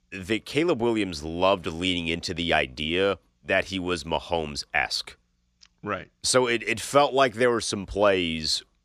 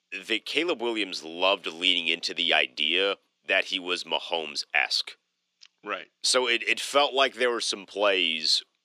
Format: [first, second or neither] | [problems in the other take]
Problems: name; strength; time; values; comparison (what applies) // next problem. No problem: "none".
first | thin; very slightly; fading below 300 Hz